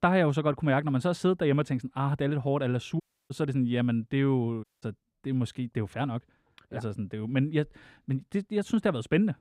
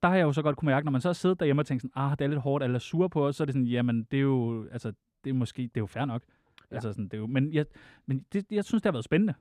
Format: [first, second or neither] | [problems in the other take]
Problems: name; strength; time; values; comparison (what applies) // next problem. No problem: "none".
second | audio cutting out; at 3 s and at 4.5 s